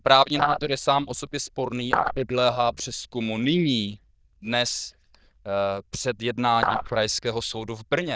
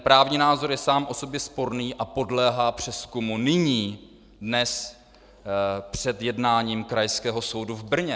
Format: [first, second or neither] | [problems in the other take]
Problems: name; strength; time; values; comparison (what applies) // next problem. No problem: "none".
second | noise reduction (neural diffusion model UNIVERSE++)